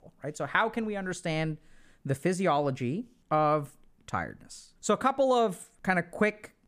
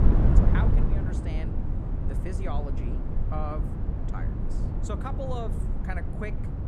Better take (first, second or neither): first